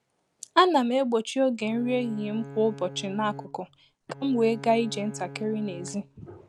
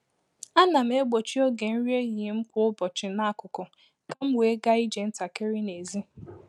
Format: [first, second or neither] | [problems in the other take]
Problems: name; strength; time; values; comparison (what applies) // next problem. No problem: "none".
second | background sound (Bowed string instrument); 15 dB below the speech